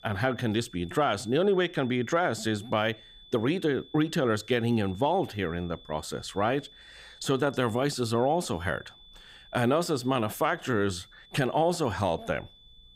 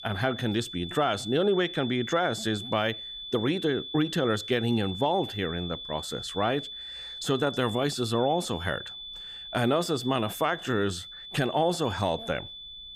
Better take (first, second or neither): first